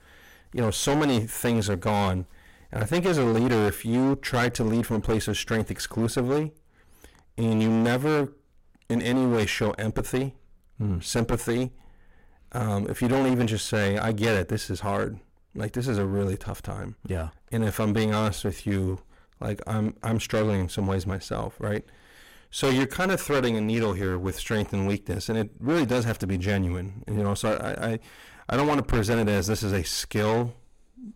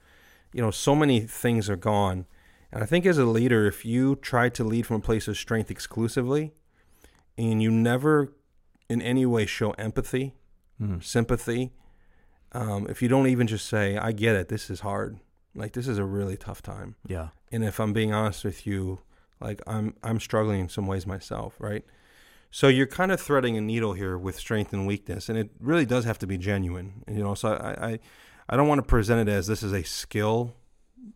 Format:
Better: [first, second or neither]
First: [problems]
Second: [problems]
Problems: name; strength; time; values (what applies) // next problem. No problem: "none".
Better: second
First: distortion; heavy; 15% of the sound clipped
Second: none